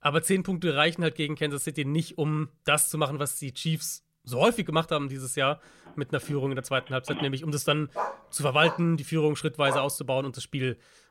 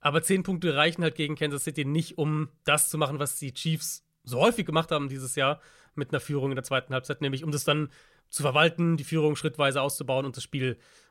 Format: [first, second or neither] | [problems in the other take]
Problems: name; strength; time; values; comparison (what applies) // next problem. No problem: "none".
second | phone ringing; noticeable; from 6 to 7.5 s; peak 9 dB below the speech // dog barking; noticeable; from 8 to 10 s; peak 6 dB below the speech